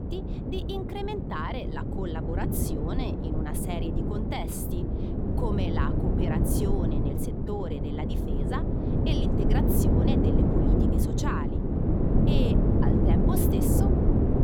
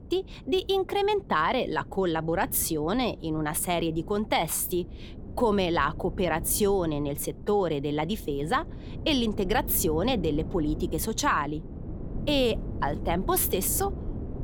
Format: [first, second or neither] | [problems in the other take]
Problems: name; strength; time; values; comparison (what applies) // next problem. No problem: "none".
second | wind noise on the microphone; heavy; 3 dB above the speech; occasional gusts in the second